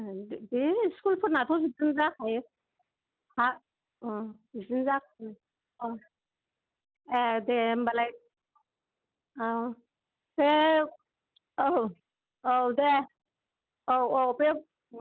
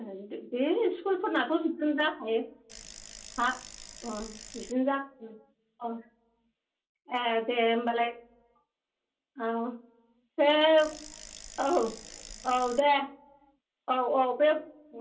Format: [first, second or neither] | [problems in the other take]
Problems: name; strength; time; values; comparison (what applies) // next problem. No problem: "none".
first | background sound (Bicycle); 16 dB below the speech // room echo; dies away in 0.3 s